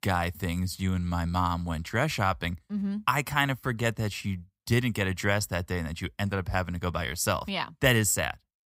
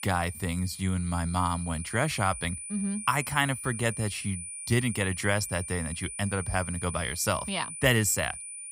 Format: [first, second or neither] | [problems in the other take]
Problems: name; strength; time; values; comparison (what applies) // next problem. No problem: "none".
first | high-pitched whine; loud; throughout; 9.5 kHz, 8 dB below the speech